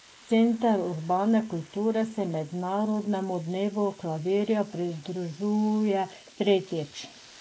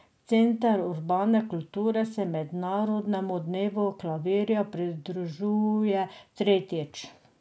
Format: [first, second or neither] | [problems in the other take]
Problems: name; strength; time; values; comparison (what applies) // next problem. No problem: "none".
second | noise reduction (neural mask model Resemble Enhance denoiser)